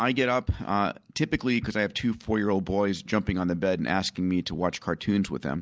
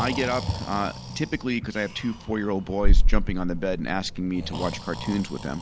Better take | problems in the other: first | background sound (Breathing); 4 dB above the speech

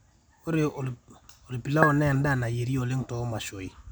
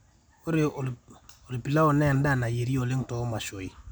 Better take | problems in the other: second | background sound (Chink, clink); 1 dB below the speech

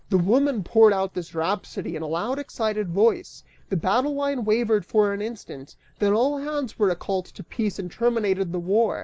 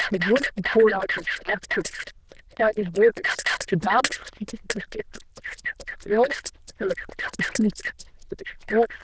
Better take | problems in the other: first | noise reduction (neural diffusion model UNIVERSE++)

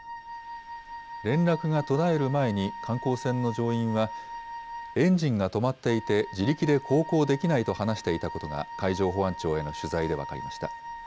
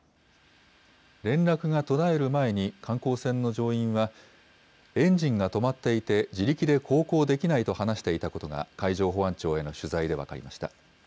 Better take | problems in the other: second | background sound (Wind instrument, woodwind instrument); 12 dB below the speech

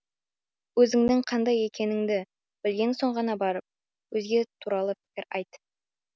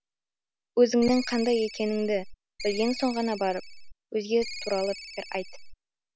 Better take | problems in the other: first | background sound (Ringtone); 11 dB below the speech

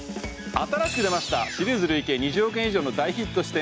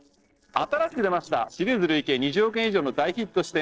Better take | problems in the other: first | noise reduction (neural separator model SepFormer DNS4)

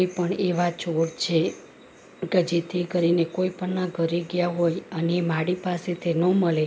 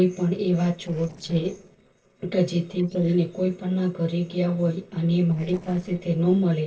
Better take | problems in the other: first | noise reduction (neural separator model SepFormer DNS4)

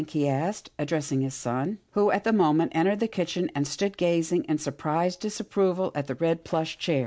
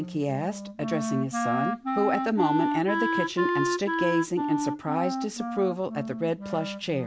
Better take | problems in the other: first | background sound (Wind instrument, woodwind instrument); 1 dB below the speech

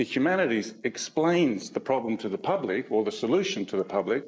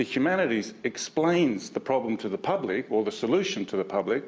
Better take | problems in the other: second | noise reduction (neural mask model Resemble Enhance denoiser)

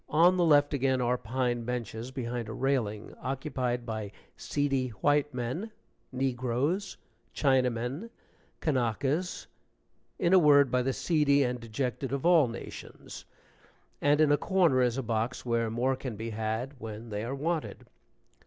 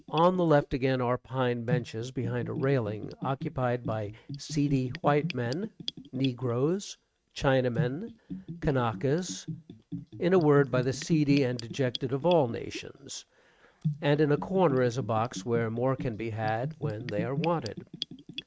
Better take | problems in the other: first | noise reduction (neural mask model RNNoise)

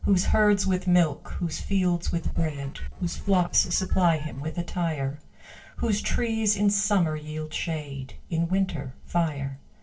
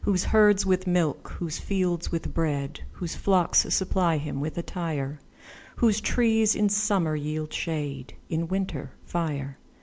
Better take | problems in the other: second | noise reduction (neural separator model SepFormer DNS4)

